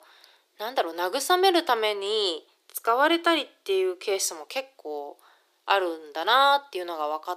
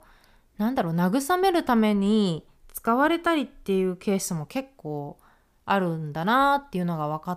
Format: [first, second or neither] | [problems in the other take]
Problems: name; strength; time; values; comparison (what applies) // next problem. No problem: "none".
second | thin; very; fading below 350 Hz